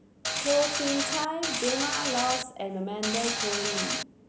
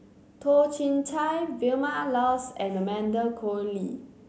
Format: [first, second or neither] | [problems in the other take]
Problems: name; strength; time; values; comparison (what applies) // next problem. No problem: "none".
second | background sound (Mechanisms); 1 dB above the speech